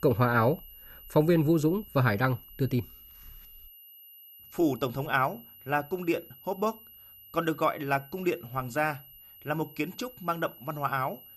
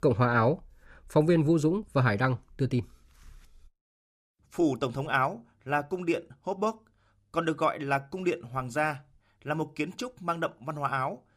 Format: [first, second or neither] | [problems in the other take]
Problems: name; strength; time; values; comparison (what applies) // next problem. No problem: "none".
second | high-pitched whine; noticeable; throughout; 12 kHz, 20 dB below the speech